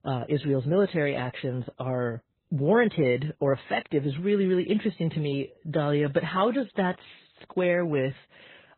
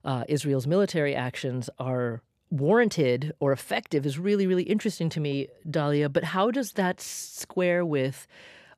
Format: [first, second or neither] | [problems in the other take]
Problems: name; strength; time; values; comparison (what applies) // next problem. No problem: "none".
second | garbled, watery; badly; nothing above 4 kHz